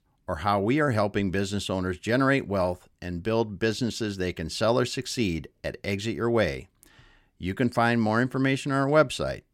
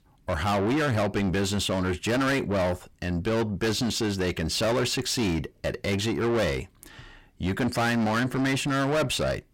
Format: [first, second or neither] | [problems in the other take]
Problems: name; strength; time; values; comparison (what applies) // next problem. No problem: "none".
first | distortion; heavy; 6 dB below the speech